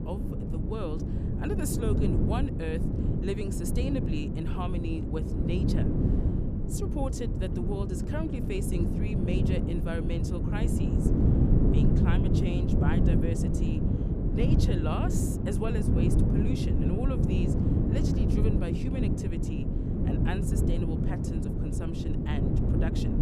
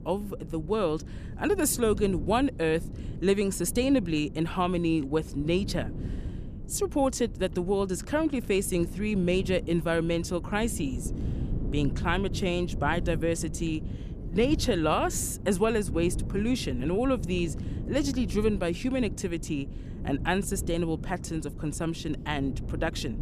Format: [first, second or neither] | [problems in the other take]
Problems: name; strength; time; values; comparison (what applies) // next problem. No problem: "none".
second | wind noise on the microphone; heavy; 2 dB above the speech; occasional gusts in the second